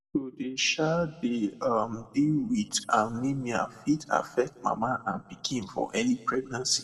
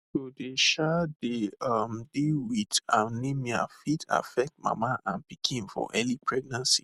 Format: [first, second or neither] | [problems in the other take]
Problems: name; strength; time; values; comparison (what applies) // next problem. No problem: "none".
second | room echo; dies away in 1.3 s